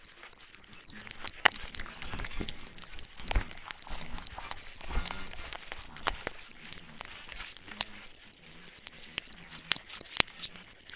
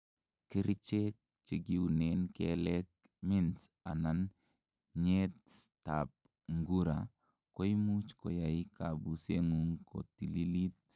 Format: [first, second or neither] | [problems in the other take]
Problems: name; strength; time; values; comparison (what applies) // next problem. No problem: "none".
second | noise reduction (neural separator model SepFormer WHAMR!)